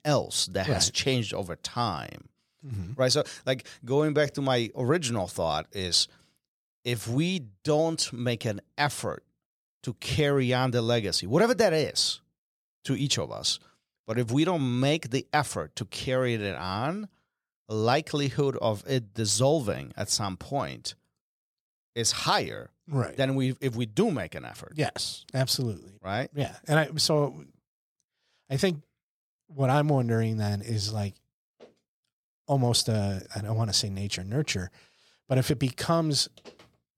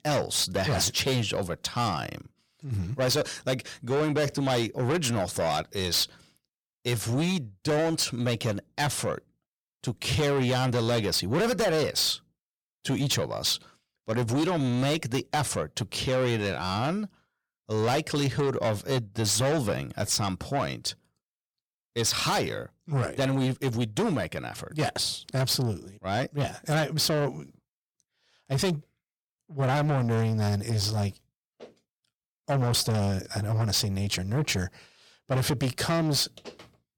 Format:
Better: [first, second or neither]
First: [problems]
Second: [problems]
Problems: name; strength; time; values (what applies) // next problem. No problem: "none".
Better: first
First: none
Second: distortion; heavy; 7 dB below the speech